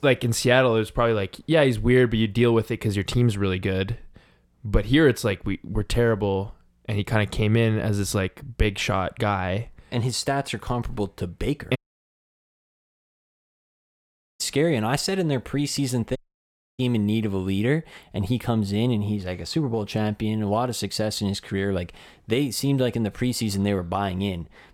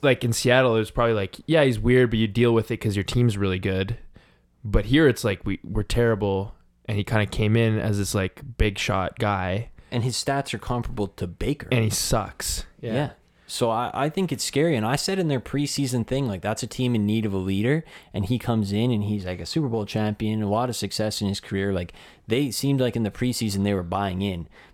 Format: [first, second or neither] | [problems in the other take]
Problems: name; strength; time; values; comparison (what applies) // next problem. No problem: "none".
second | audio cutting out; at 12 s for 2.5 s and at 16 s for 0.5 s